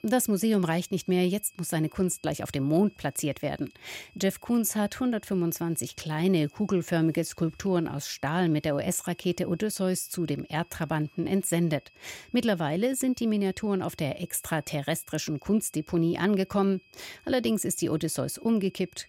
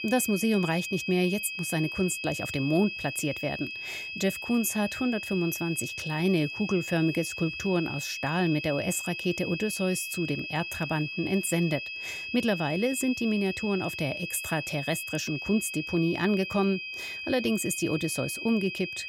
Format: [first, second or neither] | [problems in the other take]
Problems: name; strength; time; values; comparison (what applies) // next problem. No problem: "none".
first | high-pitched whine; loud; throughout; 2.5 kHz, 5 dB below the speech; faint in the first